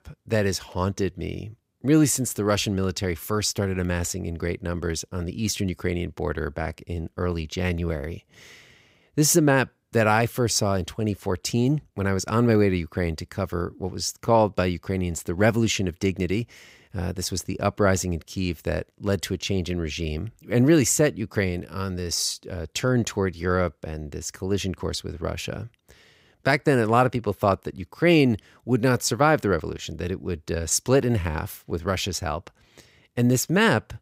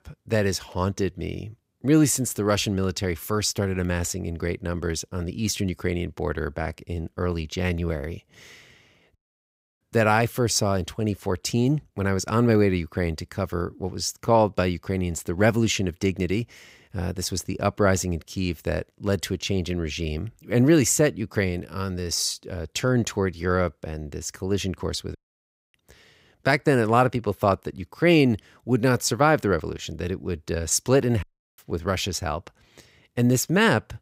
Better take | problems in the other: first | audio cutting out; at 9 s for 0.5 s, at 25 s for 0.5 s and at 31 s

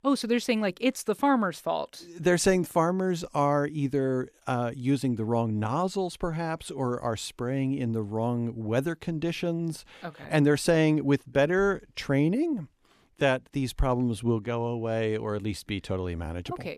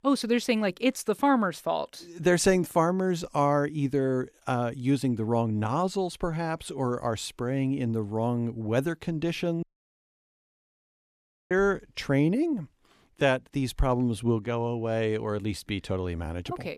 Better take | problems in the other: first | audio cutting out; at 9.5 s for 2 s

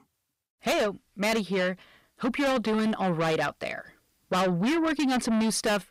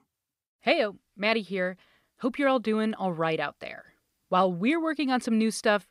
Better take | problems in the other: second | distortion; heavy; 6 dB below the speech

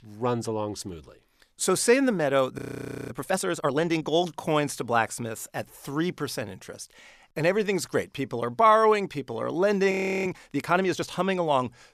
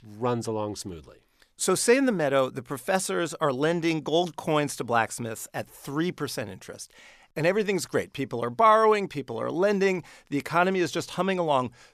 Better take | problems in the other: second | audio freezing; at 2.5 s for 0.5 s and at 10 s

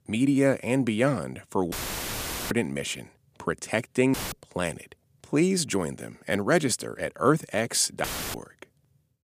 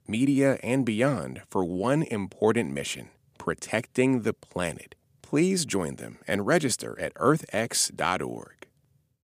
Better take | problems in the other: second | audio cutting out; filled with static; at 1.5 s for 1 s, at 4 s and at 8 s

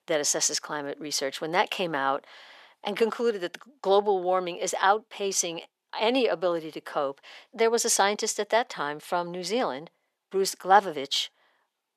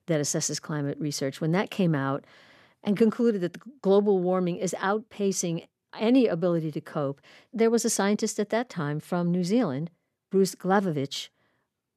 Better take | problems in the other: second | thin; very; fading below 500 Hz

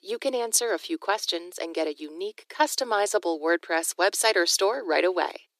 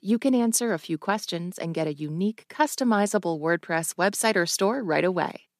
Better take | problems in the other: second | thin; very; fading below 350 Hz

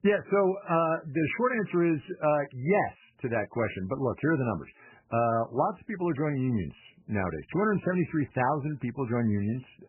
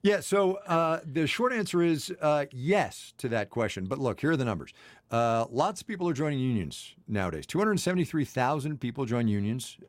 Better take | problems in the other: second | garbled, watery; badly; nothing above 3 kHz

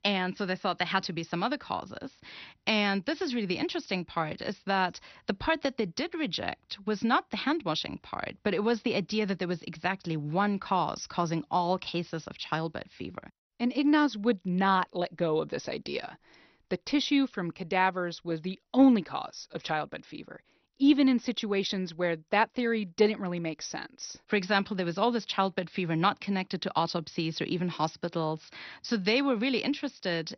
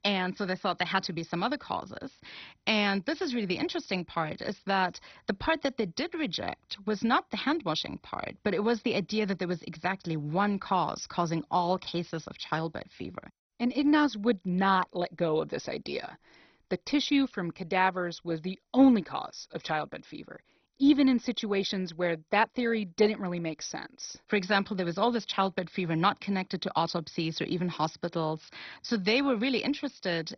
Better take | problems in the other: first | garbled, watery; badly; nothing above 6 kHz; slightly in the first

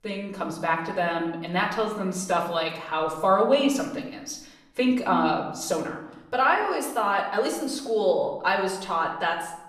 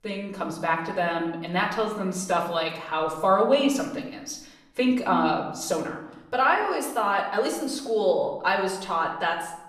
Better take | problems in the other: neither | off-mic speech; far; the same in both // room echo; slight; dies away in 0.8 s; the same in both

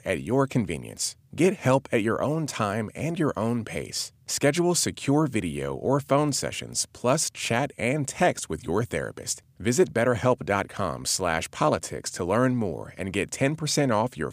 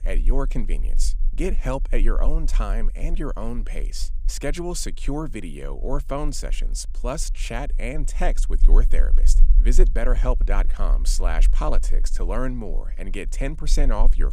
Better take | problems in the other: first | low rumble; faint; throughout; 20 dB below the speech

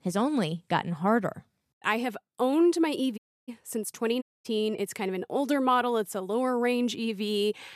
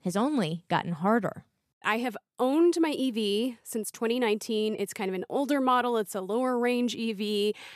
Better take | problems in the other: second | audio cutting out; at 3 s and at 4 s

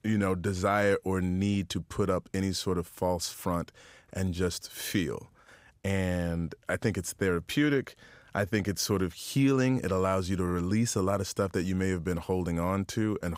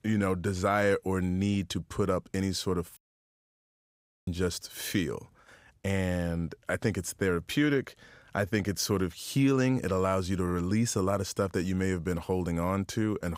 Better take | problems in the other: first | audio cutting out; at 3 s for 1.5 s

